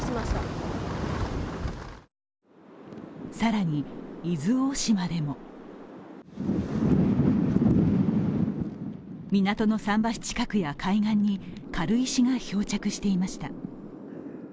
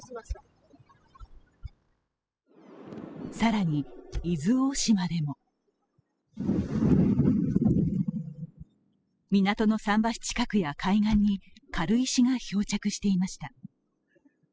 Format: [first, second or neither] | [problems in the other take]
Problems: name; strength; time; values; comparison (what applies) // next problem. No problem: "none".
first | noise reduction (classical method spectral subtraction)